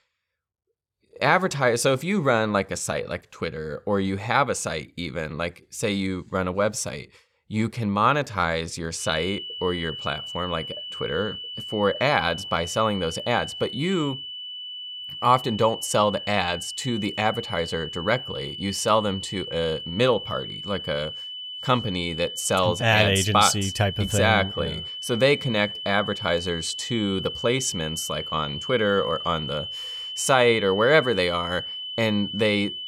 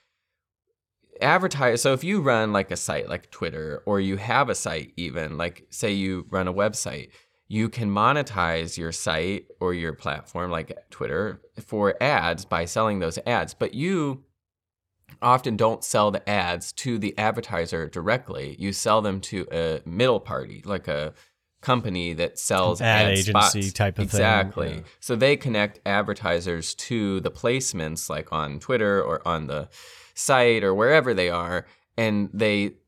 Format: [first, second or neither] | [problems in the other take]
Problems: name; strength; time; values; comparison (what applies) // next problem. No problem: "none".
second | high-pitched whine; loud; from 9 s on; 3 kHz, 8 dB below the speech